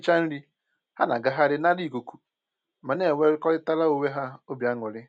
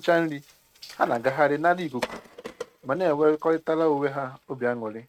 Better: first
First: none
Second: noise reduction (neural mask model RNNoise)

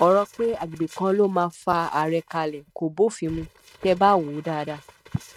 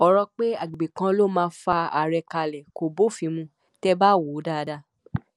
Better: second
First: noise reduction (neural mask model RNNoise)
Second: none

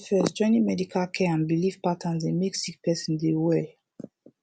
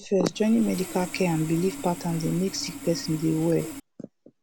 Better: first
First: none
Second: background sound (Sawing); 13 dB below the speech

